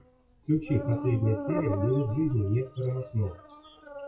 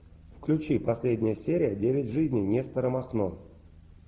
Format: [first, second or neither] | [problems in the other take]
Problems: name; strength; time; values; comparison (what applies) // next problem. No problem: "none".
second | noise reduction (classical method WPE with log-MMSE)